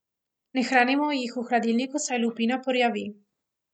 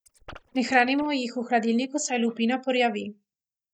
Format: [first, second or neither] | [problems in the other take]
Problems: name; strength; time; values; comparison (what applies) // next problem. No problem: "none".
first | noise reduction (neural mask model DeepFilterNet 3)